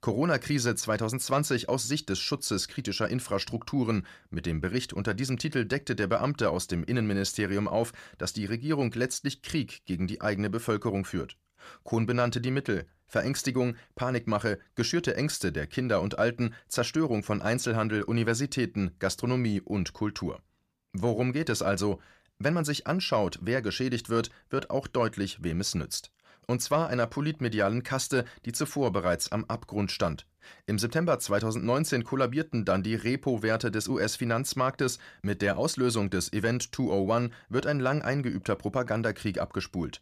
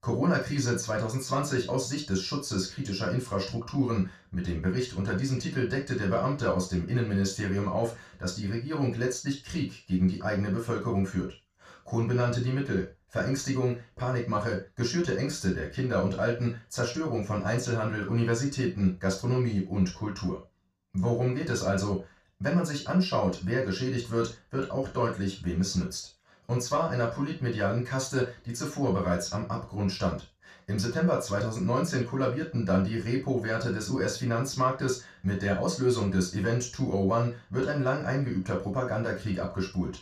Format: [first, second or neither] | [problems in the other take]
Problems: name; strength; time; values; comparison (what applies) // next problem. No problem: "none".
first | room echo; slight; dies away in 0.3 s // off-mic speech; far